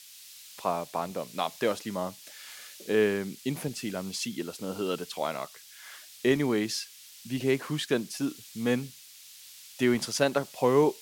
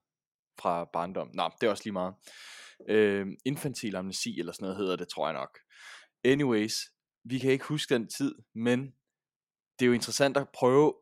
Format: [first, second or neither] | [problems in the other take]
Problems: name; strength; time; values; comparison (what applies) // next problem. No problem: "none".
second | hiss; noticeable; throughout; 15 dB below the speech